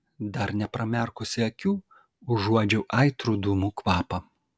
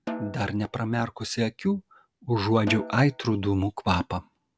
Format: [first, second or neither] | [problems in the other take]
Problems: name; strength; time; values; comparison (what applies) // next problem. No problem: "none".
first | background sound (Snare drum); 14 dB below the speech